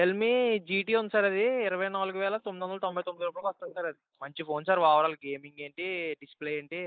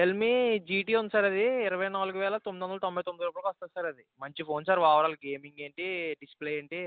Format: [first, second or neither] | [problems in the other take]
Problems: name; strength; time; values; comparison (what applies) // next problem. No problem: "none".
second | noise reduction (neural mask model Resemble Enhance denoiser)